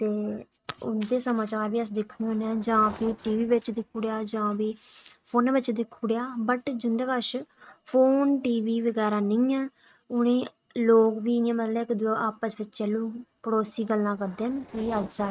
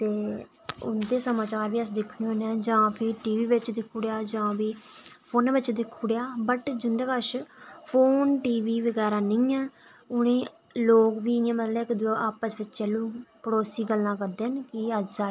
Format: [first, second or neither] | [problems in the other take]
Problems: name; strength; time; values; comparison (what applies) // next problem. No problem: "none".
second | noise reduction (neural mask model RNNoise)